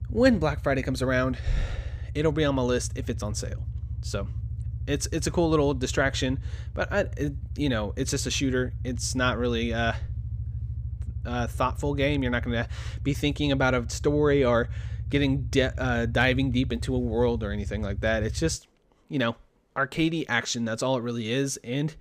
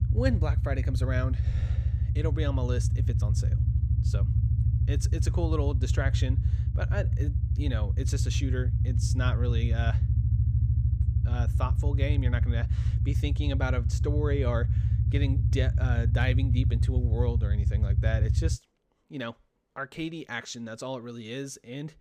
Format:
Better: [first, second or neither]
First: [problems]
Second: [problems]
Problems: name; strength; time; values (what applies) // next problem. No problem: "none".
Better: first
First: low rumble; faint; until 19 s; 25 dB below the speech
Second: low rumble; loud; until 19 s; 6 dB below the speech